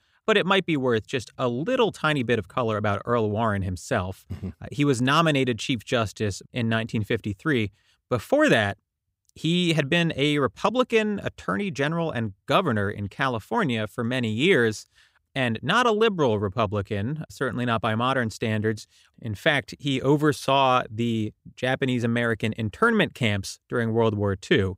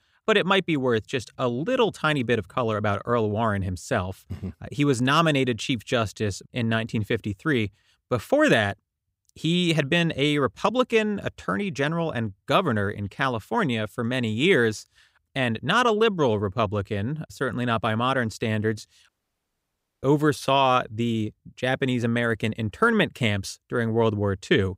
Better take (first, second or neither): first